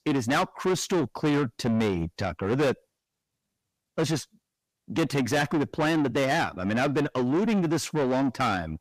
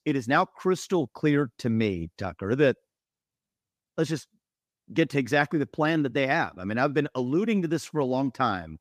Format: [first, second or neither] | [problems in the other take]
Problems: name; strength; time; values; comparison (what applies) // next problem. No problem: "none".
second | distortion; heavy; 7 dB below the speech